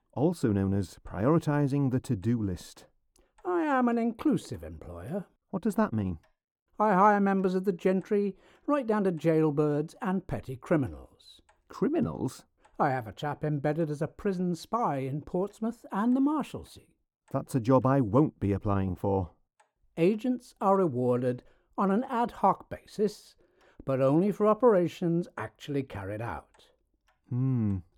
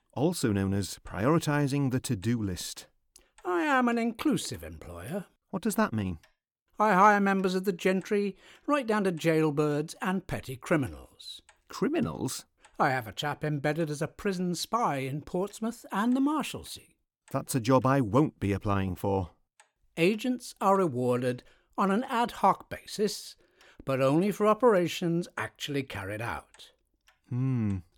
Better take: second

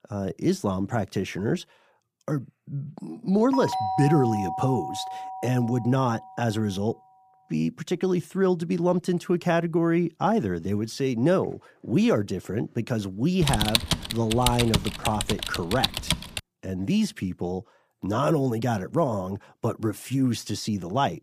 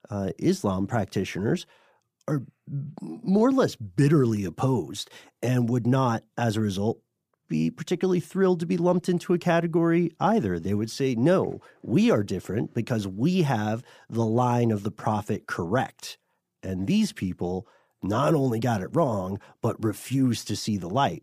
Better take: second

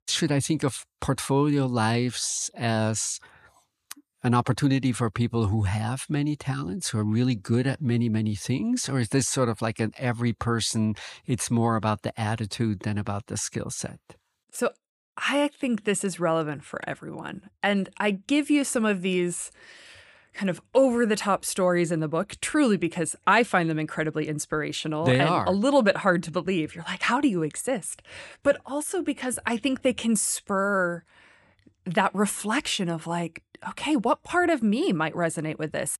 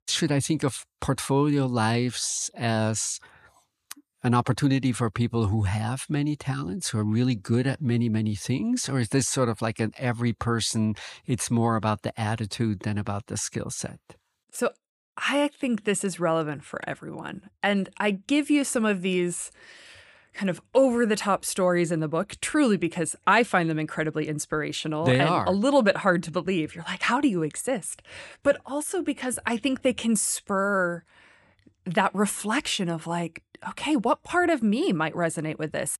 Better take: neither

